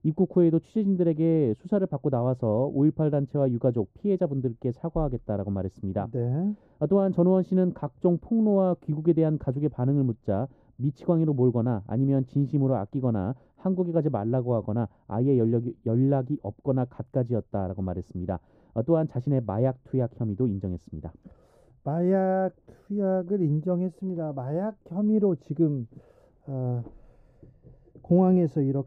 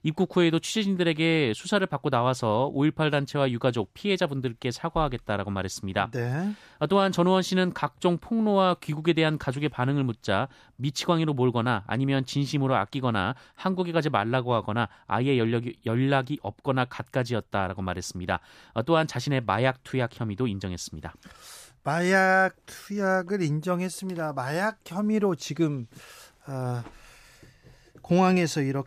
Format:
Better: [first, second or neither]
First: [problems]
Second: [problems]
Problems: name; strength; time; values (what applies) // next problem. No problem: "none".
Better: second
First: muffled; very; fading above 1 kHz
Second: none